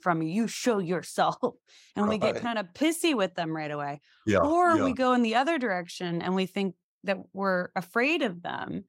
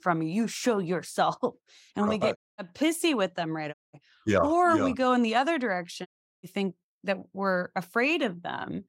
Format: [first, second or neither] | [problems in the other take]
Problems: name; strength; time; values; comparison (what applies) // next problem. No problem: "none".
first | audio cutting out; at 2.5 s, at 3.5 s and at 6 s